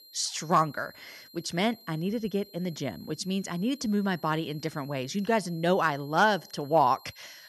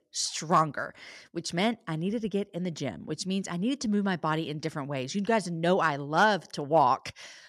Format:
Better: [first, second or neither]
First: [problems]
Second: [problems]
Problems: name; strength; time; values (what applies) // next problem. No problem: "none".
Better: second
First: high-pitched whine; faint; throughout; 4 kHz, 20 dB below the speech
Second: none